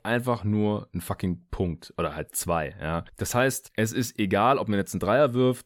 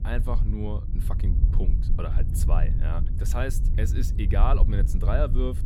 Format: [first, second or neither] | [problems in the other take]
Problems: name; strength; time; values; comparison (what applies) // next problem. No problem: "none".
first | low rumble; loud; throughout; 8 dB below the speech